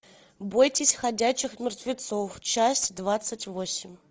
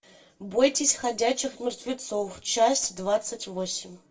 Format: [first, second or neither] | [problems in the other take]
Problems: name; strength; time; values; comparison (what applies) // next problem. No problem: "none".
first | room echo; dies away in 0.2 s